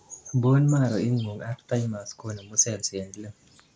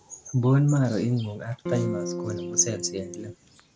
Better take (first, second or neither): first